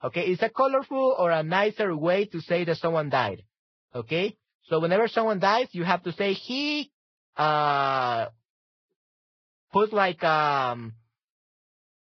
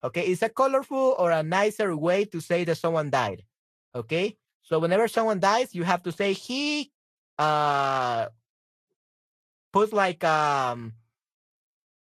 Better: second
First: garbled, watery; badly; nothing above 5.5 kHz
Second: garbled, watery; slightly; nothing above 12.5 kHz

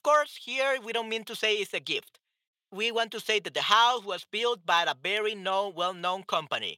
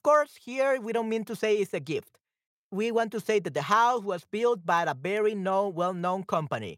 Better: second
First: thin; somewhat; fading below 850 Hz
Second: none

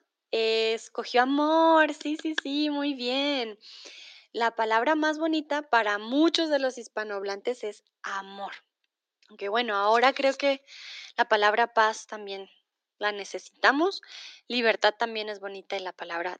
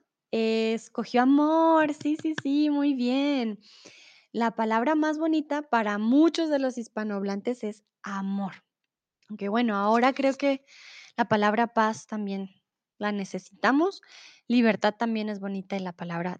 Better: second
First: thin; somewhat; fading below 300 Hz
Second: none

